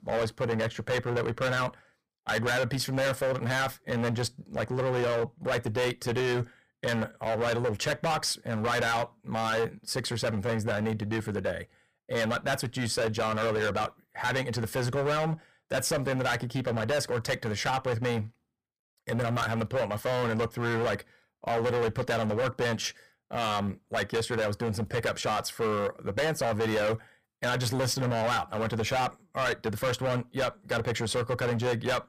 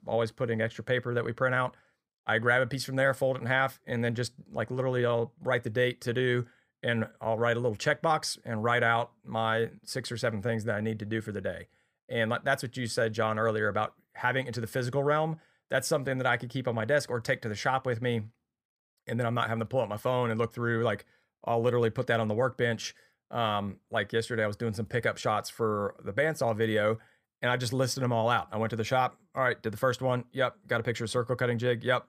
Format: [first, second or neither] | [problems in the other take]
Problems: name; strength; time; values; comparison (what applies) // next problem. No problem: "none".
second | distortion; heavy; 19% of the sound clipped